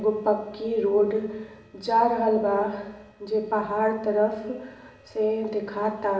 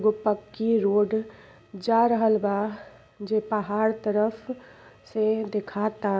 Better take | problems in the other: second | room echo; dies away in 0.8 s

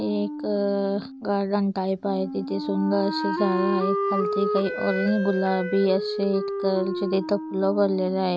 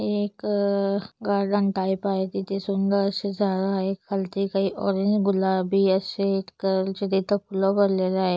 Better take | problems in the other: second | background sound (Wind instrument, woodwind instrument); 5 dB below the speech

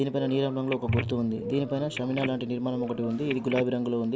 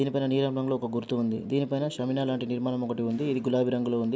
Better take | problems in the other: second | background sound (Bowed string instrument + Telephone); 8 dB below the speech

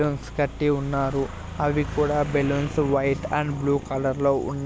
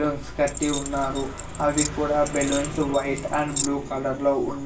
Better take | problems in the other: first | background sound (Keys jangling); 7 dB below the speech // room echo; dies away in 0.3 s

